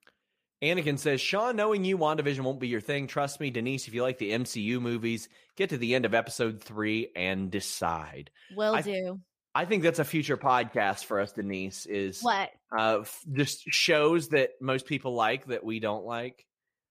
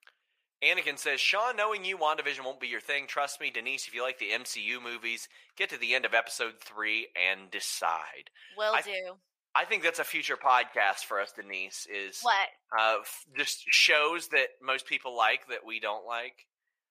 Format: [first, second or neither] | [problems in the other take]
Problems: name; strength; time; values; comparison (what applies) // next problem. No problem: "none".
first | thin; very; fading below 850 Hz